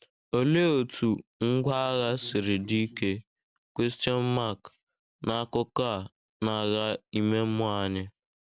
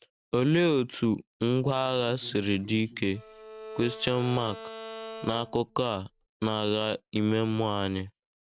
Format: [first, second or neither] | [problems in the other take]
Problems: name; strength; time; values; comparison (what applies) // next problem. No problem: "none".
first | background sound (Bowed string instrument); 15 dB below the speech